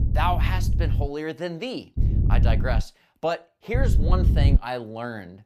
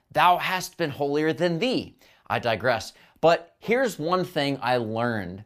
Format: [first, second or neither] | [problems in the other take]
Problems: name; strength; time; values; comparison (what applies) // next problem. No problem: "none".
second | low rumble; loud; until 1 s, at 2 s and at 3.5 s; 8 dB below the speech